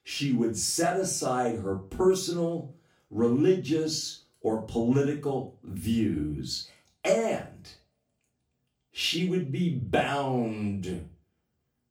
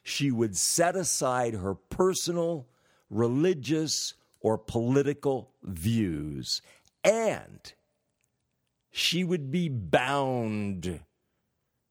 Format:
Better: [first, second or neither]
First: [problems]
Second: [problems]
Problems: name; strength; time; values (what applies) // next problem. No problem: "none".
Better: second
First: room echo; slight; dies away in 0.3 s // off-mic speech; far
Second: none